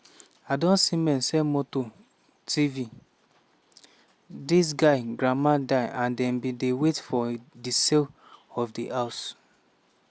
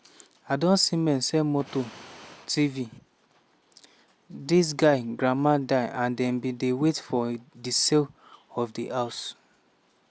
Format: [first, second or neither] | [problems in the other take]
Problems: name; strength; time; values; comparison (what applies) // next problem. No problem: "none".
first | background sound (Fire); 20 dB below the speech